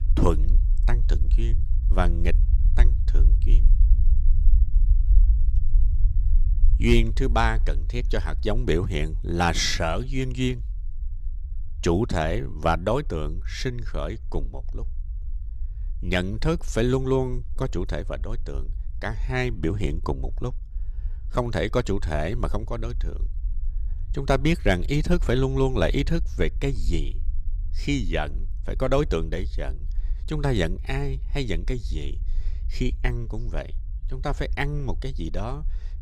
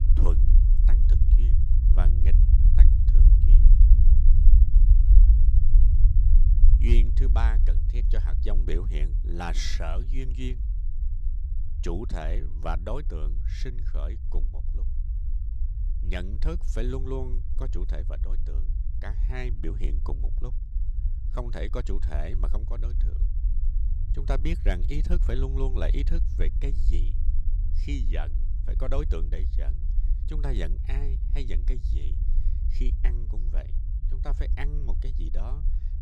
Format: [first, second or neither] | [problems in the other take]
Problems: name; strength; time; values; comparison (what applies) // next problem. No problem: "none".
first | low rumble; loud; throughout; 7 dB below the speech; faint in the first